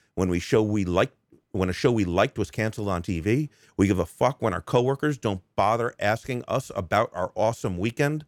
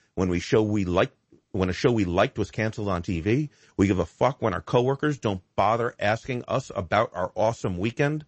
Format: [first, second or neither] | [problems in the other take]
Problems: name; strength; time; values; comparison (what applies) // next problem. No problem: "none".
first | garbled, watery; slightly; nothing above 7.5 kHz